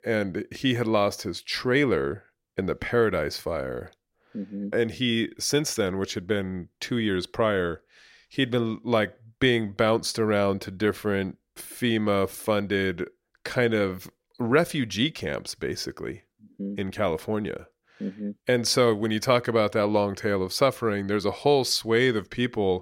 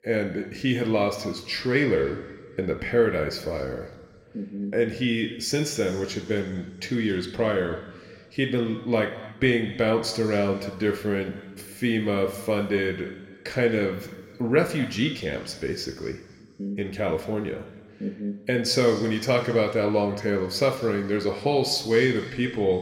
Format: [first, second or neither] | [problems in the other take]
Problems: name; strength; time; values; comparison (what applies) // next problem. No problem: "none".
first | room echo; slight; dies away in 1.7 s